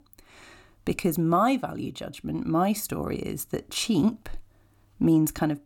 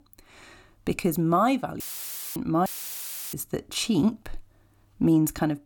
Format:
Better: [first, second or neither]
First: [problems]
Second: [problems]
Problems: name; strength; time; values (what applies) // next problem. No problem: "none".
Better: first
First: none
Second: audio cutting out; filled with static; at 2 s for 0.5 s and at 2.5 s for 0.5 s